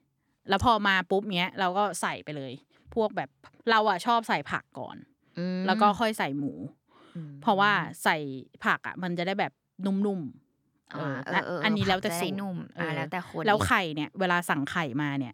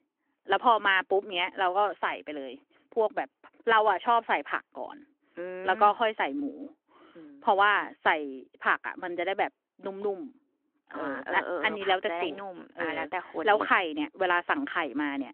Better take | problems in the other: first | phone-call audio

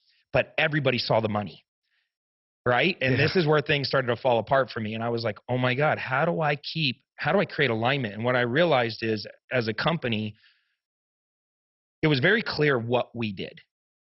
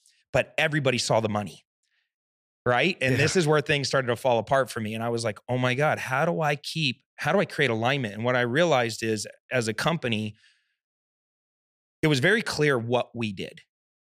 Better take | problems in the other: second | garbled, watery; badly; nothing above 5.5 kHz

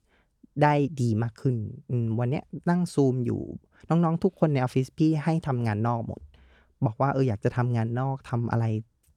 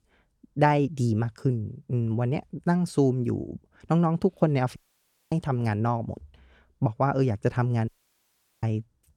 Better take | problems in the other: first | audio cutting out; at 5 s for 0.5 s and at 8 s for 1 s

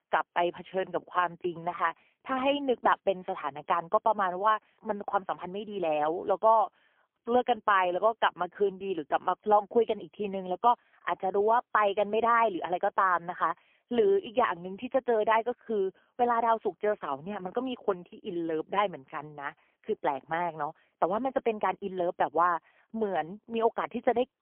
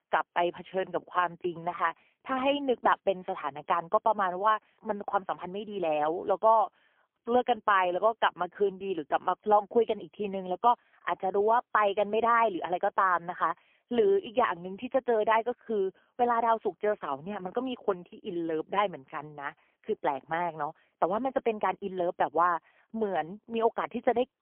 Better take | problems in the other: neither | phone-call audio; poor line; nothing above 3.5 kHz; the same in both

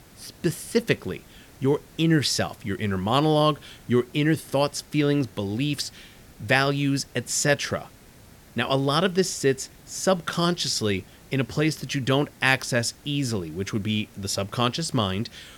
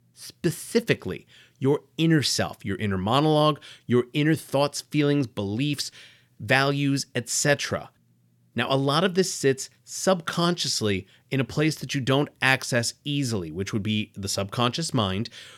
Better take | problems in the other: second | hiss; faint; throughout; 25 dB below the speech

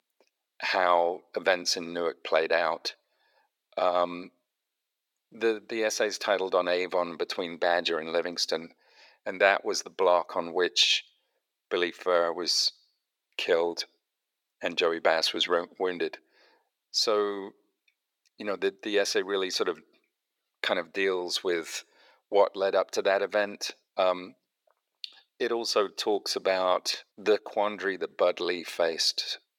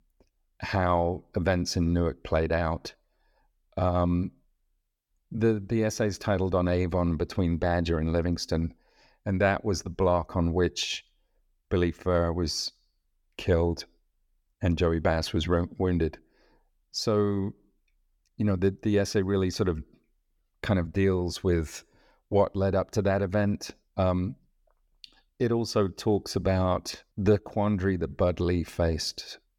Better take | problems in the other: second | thin; very; fading below 400 Hz

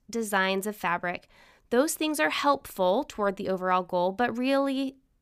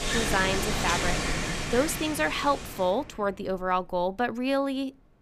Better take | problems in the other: first | wind in the background; loud; throughout; 2 dB below the speech

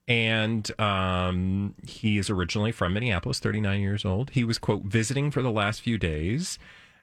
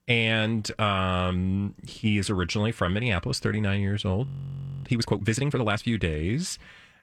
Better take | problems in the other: first | audio freezing; at 4.5 s for 0.5 s

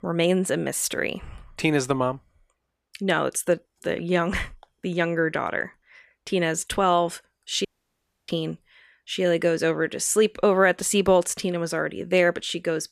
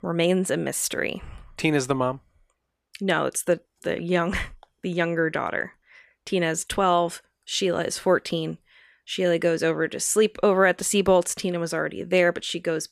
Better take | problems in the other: second | audio cutting out; at 7.5 s for 0.5 s

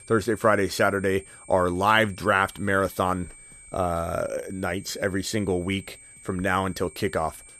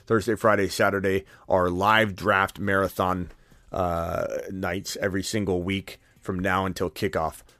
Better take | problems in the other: second | high-pitched whine; faint; throughout; 8.5 kHz, 20 dB below the speech

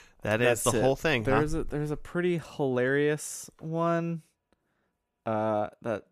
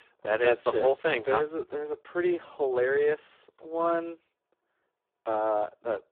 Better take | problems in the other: first | phone-call audio; poor line

